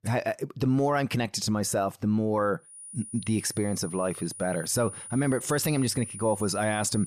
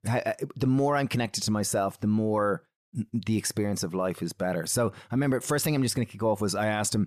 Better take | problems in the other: second | high-pitched whine; noticeable; from 2.5 s on; 9.5 kHz, 10 dB below the speech

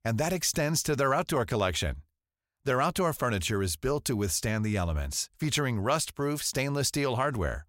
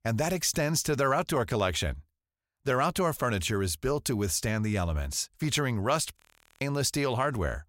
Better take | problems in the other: first | audio freezing; at 6 s

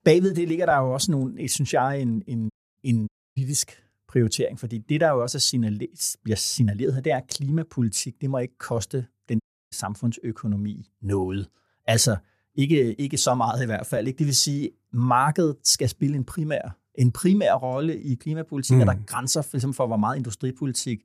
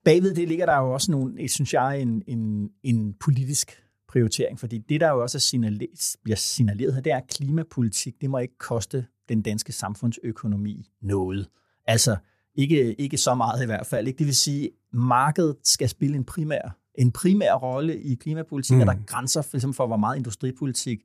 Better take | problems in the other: second | audio cutting out; at 2.5 s, at 3 s and at 9.5 s

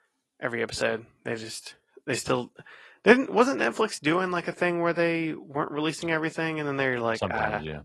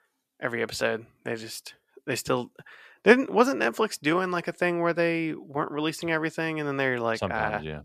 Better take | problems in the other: second | garbled, watery; slightly; nothing above 11 kHz

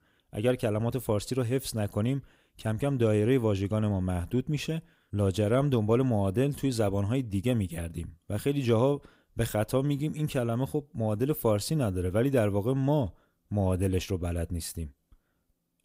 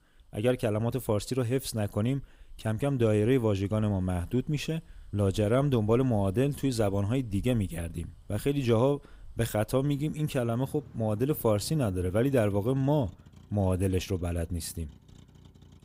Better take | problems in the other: first | traffic noise; faint; throughout; 25 dB below the speech

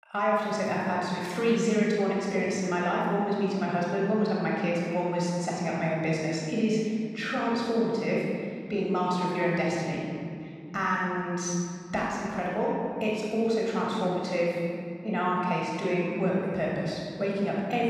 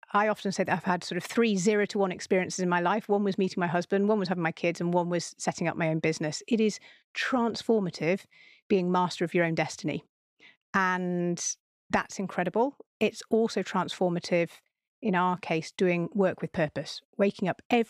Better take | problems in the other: second | off-mic speech; far // room echo; strong; dies away in 2.2 s

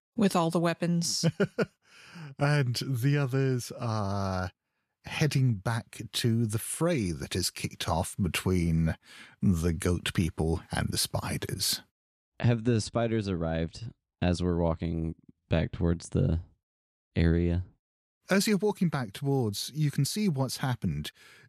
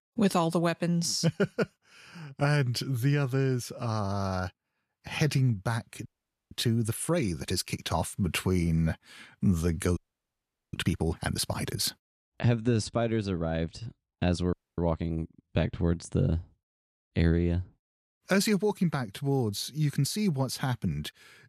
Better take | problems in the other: first | audio freezing; at 6 s, at 10 s for 1 s and at 15 s

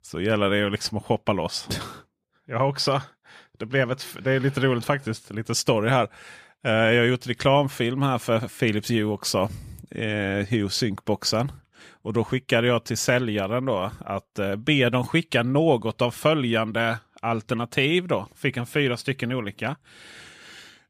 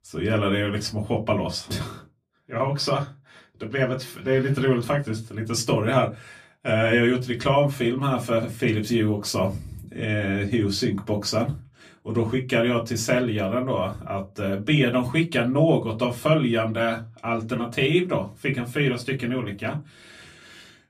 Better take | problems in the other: first | off-mic speech; far // room echo; very slight; dies away in 0.2 s

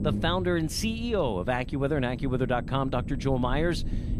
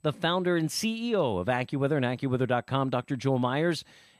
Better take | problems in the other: second | low rumble; noticeable; throughout; 15 dB below the speech

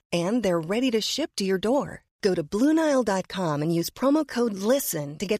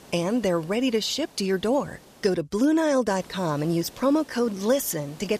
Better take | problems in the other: first | hiss; faint; until 2.5 s and from 3 s on; 25 dB below the speech

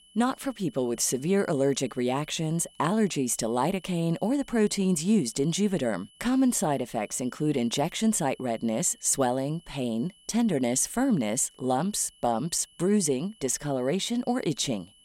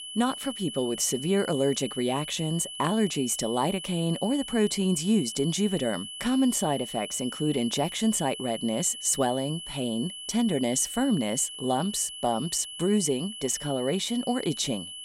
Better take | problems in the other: first | high-pitched whine; loud; throughout; 3 kHz, 9 dB below the speech; faint in the first

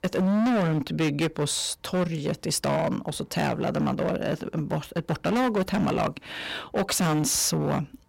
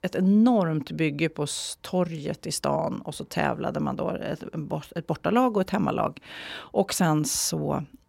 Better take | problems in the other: second | distortion; heavy; 17% of the sound clipped

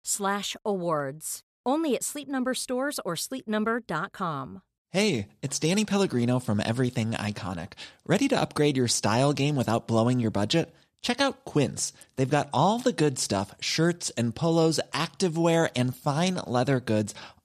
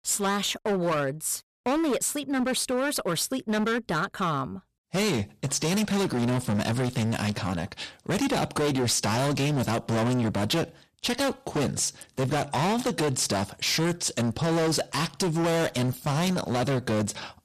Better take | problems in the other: first | distortion; heavy; 24% of the sound clipped

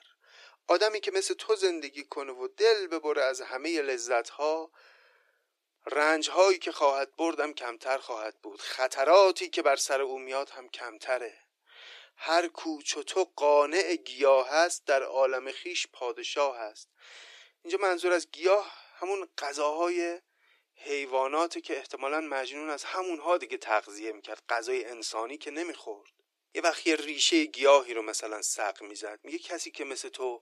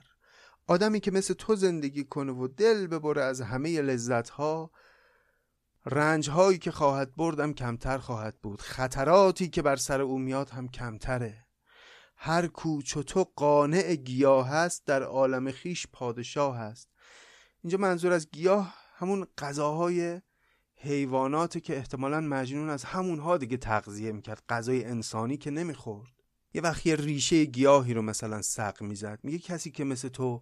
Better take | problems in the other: second | thin; very; fading below 300 Hz

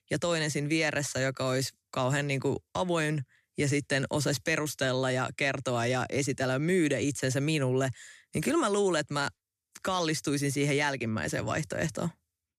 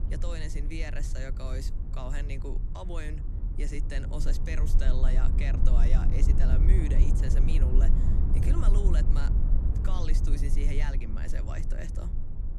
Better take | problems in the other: first | low rumble; loud; throughout; 4 dB below the speech

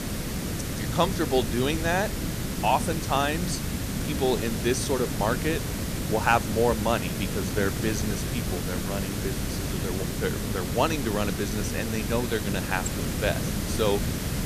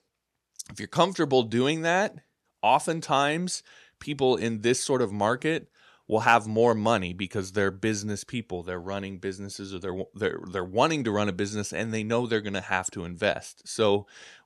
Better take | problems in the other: second | hiss; loud; throughout; 2 dB below the speech

